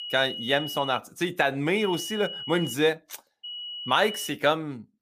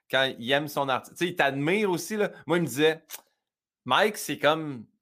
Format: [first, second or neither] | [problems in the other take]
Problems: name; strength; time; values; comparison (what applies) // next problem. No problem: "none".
second | high-pitched whine; loud; at the start, at 2 s and at 3.5 s; 3 kHz, 9 dB below the speech